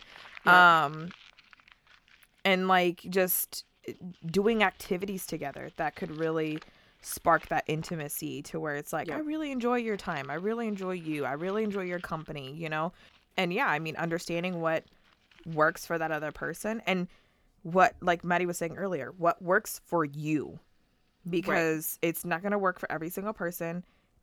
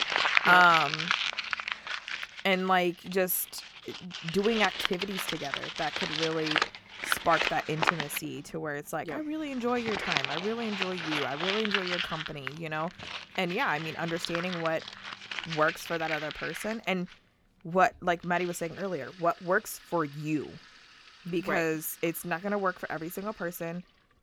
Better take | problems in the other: first | household noises; loud; throughout; 2 dB below the speech; faint in the first

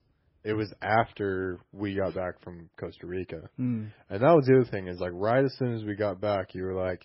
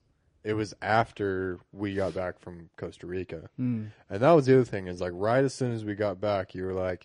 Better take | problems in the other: second | garbled, watery; badly; nothing above 5.5 kHz; slightly in the second

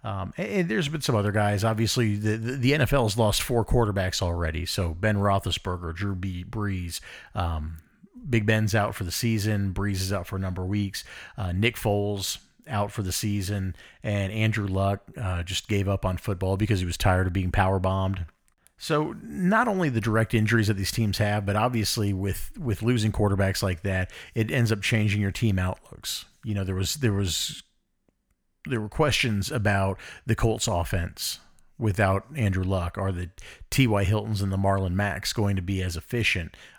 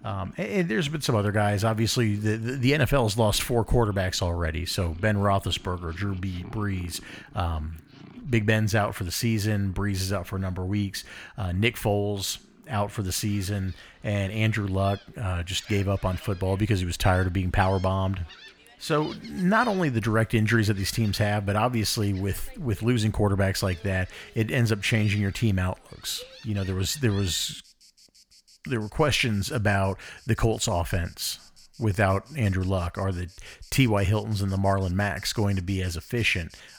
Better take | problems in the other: first | animal sounds; faint; throughout; 25 dB below the speech

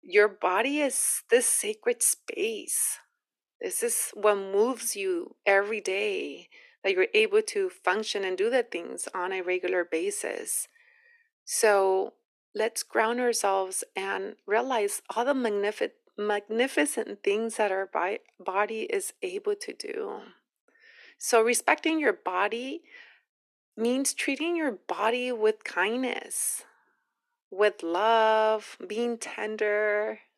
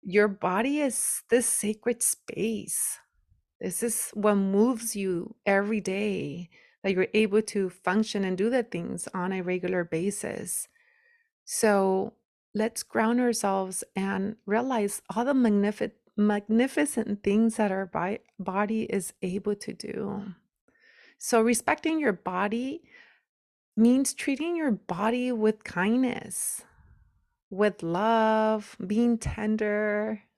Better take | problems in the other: second | thin; somewhat; fading below 300 Hz

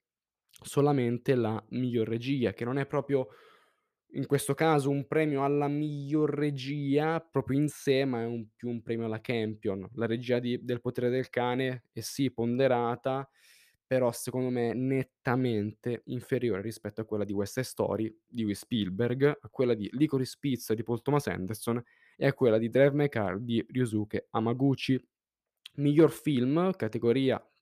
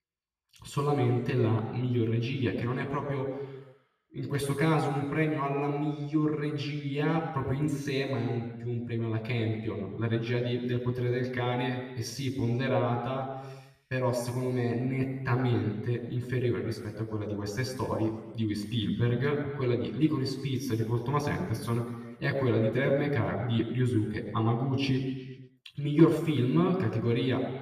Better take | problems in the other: first | room echo; noticeable; dies away in 1.3 s // off-mic speech; somewhat distant

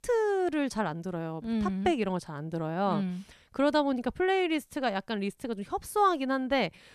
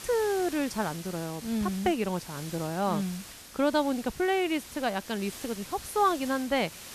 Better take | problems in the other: first | hiss; noticeable; throughout; 15 dB below the speech

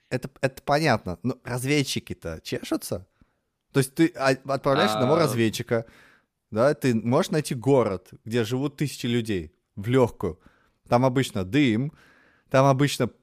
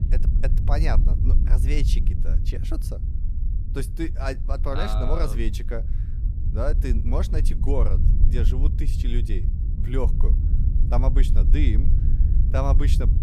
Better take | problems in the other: first | low rumble; loud; throughout; 8 dB below the speech

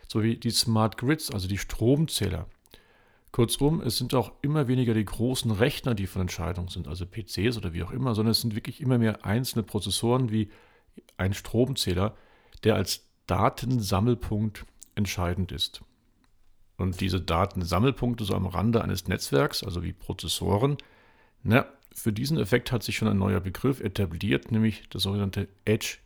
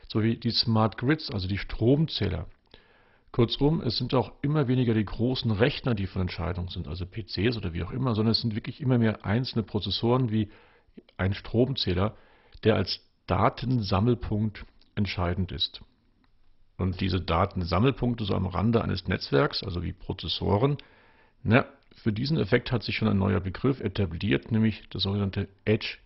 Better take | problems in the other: first | garbled, watery; badly; nothing above 5.5 kHz

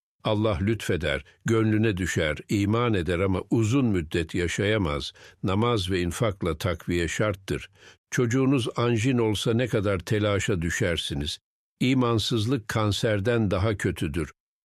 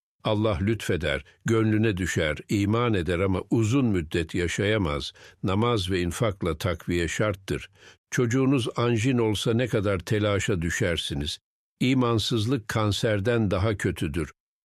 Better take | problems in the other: neither | none

